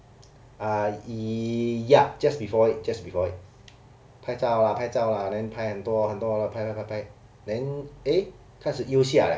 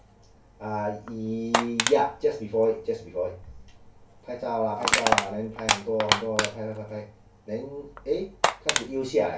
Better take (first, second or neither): first